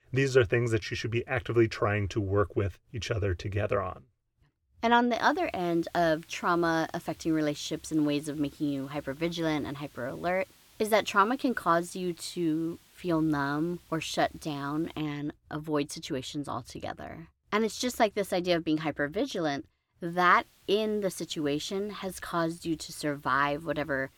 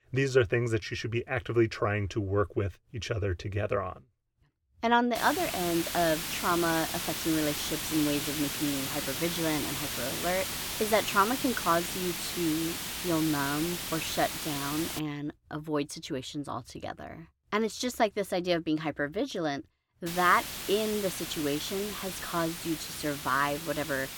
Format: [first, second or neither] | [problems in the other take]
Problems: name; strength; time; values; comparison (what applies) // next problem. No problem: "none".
first | hiss; loud; from 5 to 15 s and from 20 s on; 3 dB below the speech; faint in the first